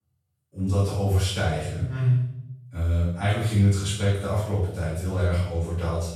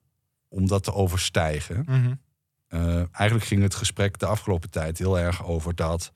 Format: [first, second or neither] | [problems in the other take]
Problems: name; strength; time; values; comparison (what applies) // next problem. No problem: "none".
second | room echo; strong; dies away in 0.7 s // off-mic speech; far